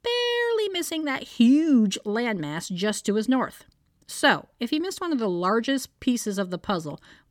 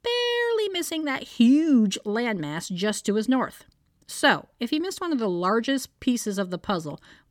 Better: neither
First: none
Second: none

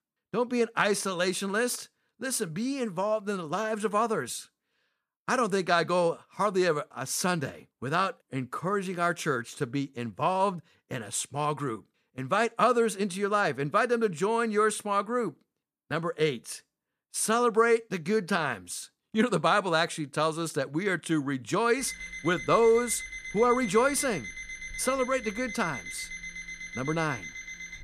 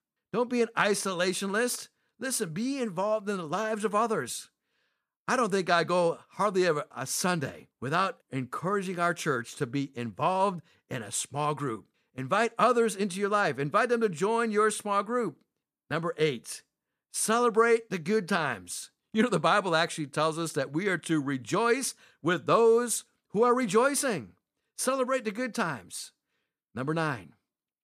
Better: second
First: alarm; noticeable; from 22 s on; peak 9 dB below the speech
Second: none

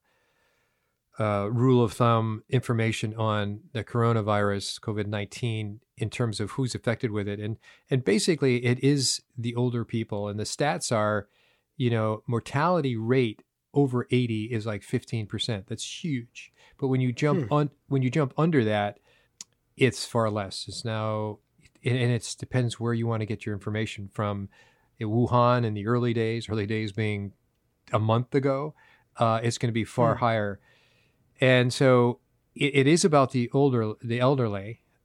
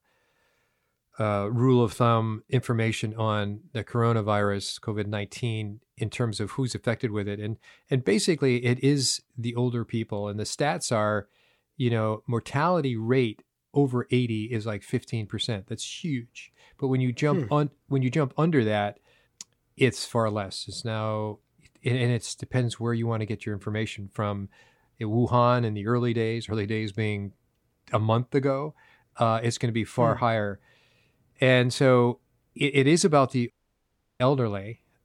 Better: first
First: none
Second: audio cutting out; at 34 s for 0.5 s

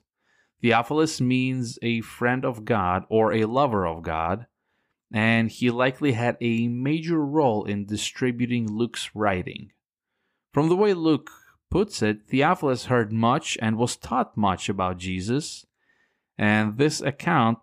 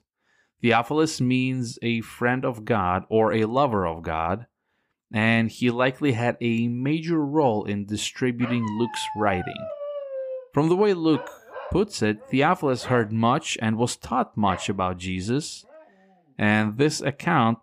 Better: first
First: none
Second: dog barking; noticeable; from 8.5 to 16 s; peak 8 dB below the speech

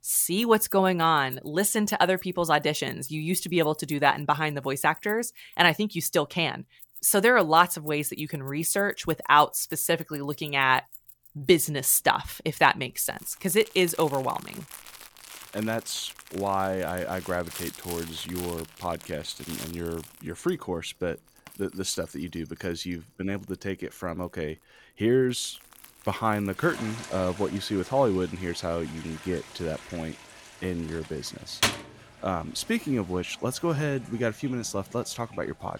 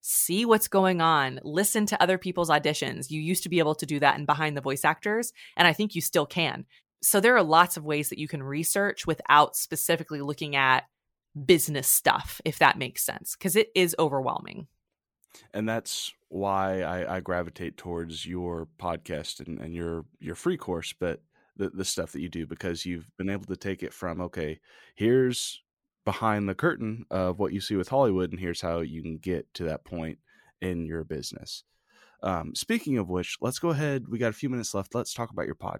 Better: second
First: household noises; noticeable; throughout; 15 dB below the speech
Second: none

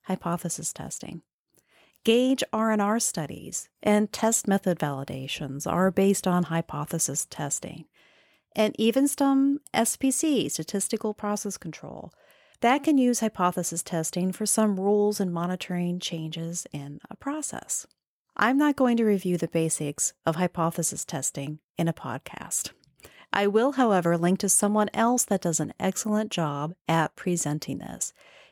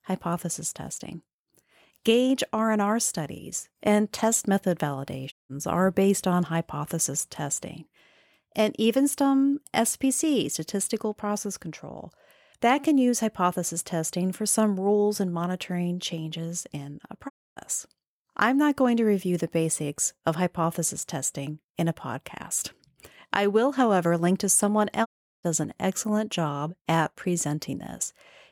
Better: first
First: none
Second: audio cutting out; at 5.5 s, at 17 s and at 25 s

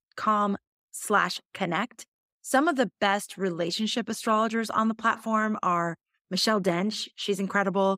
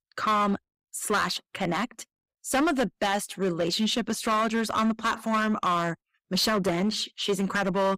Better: first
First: none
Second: distortion; heavy; 10% of the sound clipped

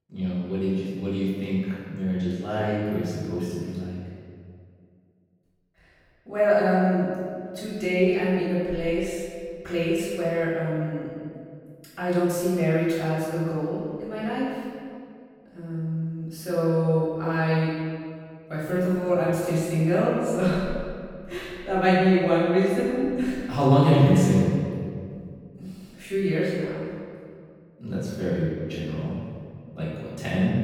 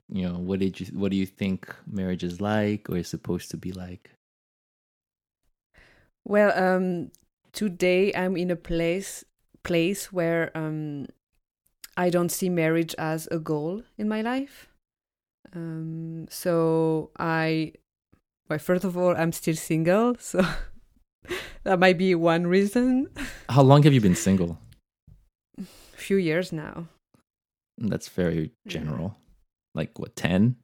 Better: second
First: room echo; strong; dies away in 1.9 s // off-mic speech; far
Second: none

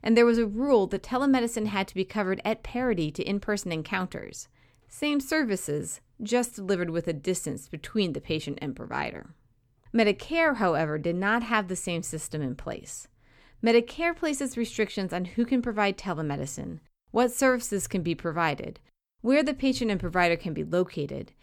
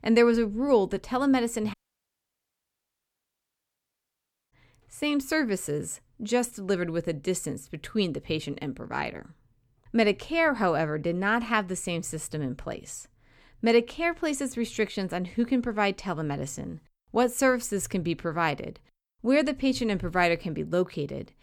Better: first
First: none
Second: audio cutting out; at 1.5 s for 3 s

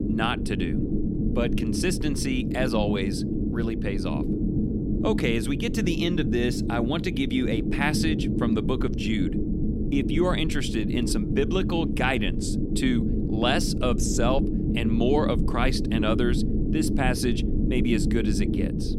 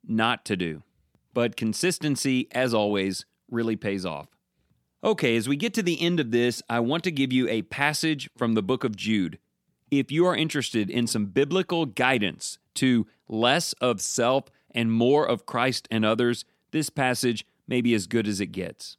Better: second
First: low rumble; loud; throughout; 5 dB below the speech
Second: none

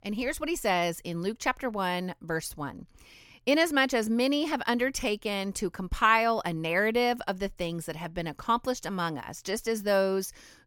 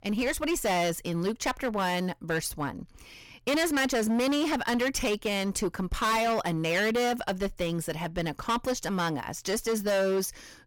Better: first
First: none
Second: distortion; heavy; 17% of the sound clipped

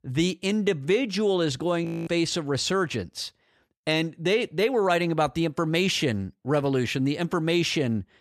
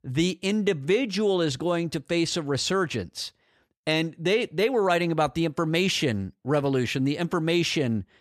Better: second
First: audio freezing; at 2 s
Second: none

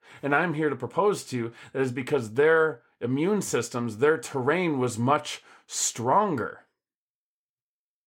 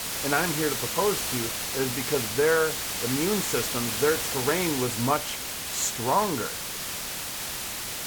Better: first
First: none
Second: hiss; loud; throughout; 1 dB below the speech

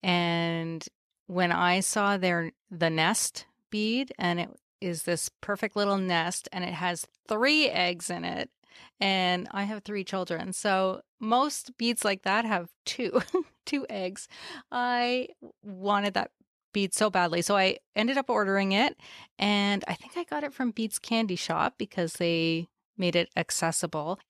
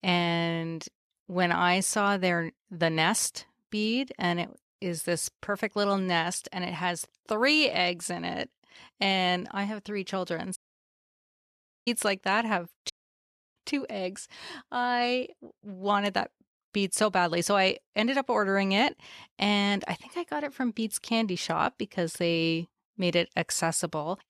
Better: first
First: none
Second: audio cutting out; at 11 s for 1.5 s and at 13 s for 0.5 s

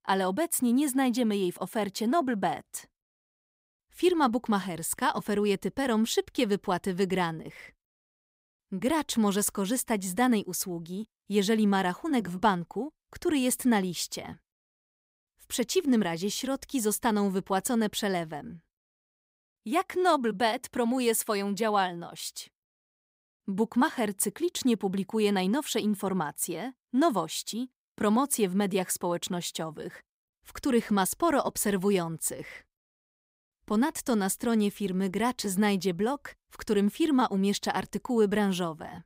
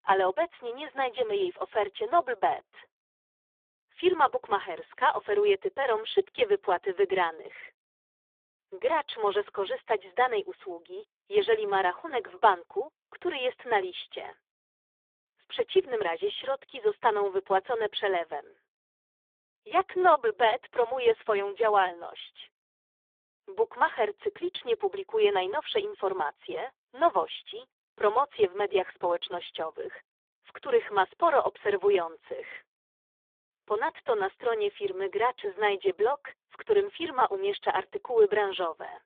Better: first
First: none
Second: phone-call audio; poor line

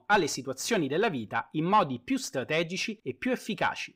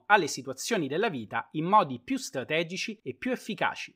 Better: second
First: distortion; slight; 10 dB below the speech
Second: none

